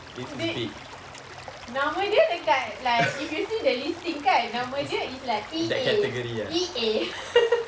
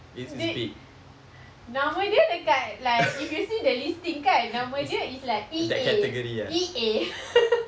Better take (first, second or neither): second